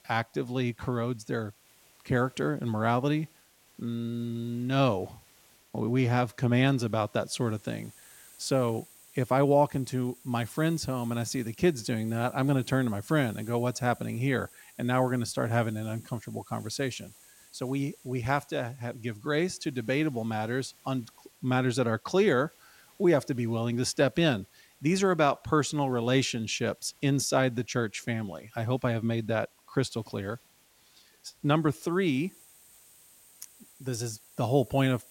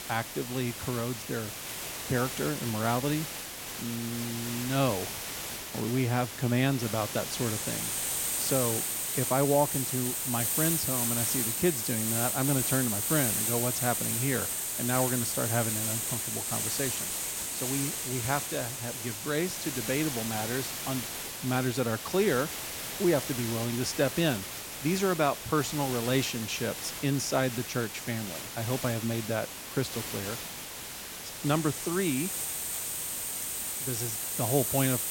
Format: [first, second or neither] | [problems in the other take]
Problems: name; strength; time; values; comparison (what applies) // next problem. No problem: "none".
first | hiss; loud; throughout; as loud as the speech; faint in the first